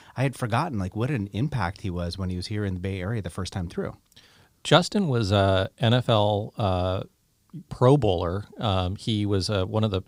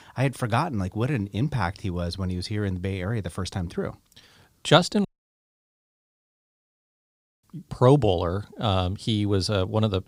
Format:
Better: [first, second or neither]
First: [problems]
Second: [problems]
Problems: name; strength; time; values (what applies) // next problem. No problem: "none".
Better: first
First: none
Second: audio cutting out; at 5 s for 2.5 s